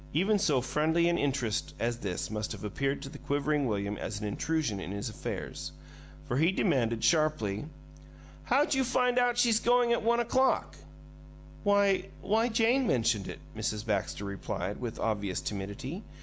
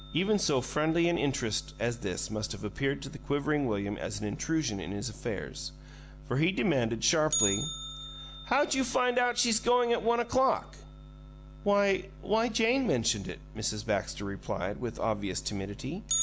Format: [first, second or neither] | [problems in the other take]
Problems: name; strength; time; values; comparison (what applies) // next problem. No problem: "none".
first | background sound (Bell); 13 dB below the speech